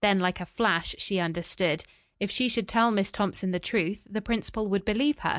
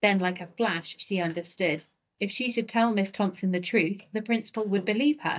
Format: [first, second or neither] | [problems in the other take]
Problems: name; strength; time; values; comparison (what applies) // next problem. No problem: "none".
first | noise reduction (neural mask model DeepFilterNet 3)